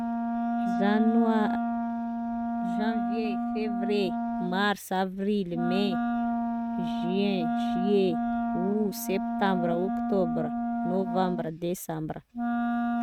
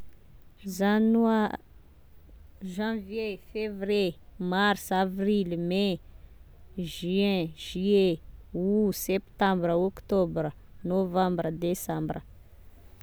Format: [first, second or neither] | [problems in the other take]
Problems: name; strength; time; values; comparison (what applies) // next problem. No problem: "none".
second | noise reduction (neural mask model RNNoise)